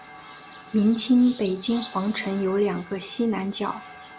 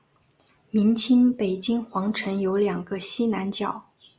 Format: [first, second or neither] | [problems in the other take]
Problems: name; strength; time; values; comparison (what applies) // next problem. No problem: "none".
second | background sound (Bird); 19 dB below the speech